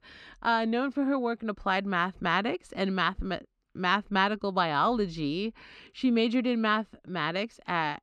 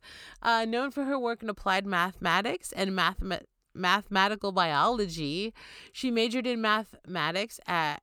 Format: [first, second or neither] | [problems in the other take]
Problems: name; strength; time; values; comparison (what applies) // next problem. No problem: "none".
second | muffled; very slightly; fading above 3.5 kHz